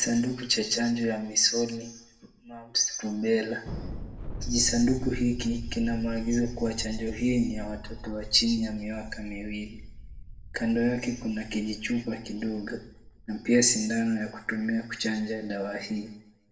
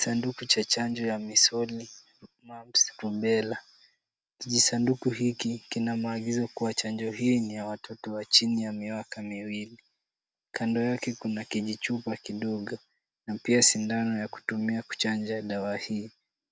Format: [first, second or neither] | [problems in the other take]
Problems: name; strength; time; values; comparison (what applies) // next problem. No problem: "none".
second | background sound (Thunder); 12 dB below the speech // room echo; dies away in 0.7 s